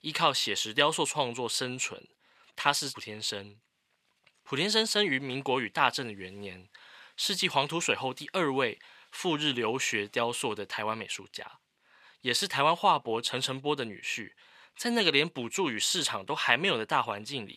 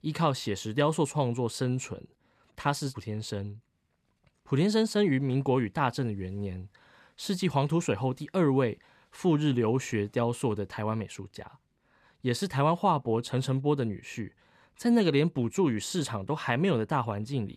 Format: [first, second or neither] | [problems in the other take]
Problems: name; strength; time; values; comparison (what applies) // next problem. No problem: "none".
second | thin; somewhat; fading below 1 kHz